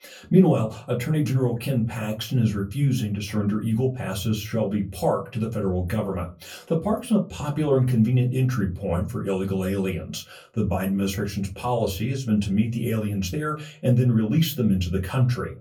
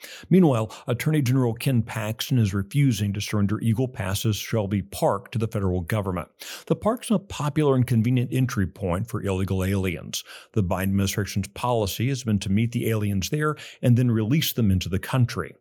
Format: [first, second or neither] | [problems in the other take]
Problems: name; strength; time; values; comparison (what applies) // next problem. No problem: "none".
second | off-mic speech; far // room echo; very slight; dies away in 0.2 s